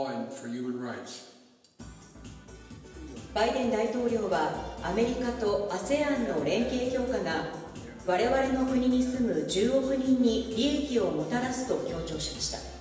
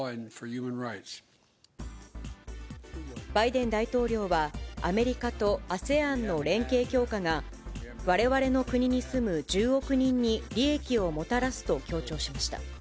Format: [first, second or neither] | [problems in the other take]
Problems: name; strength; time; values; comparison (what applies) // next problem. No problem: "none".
second | room echo; dies away in 1 s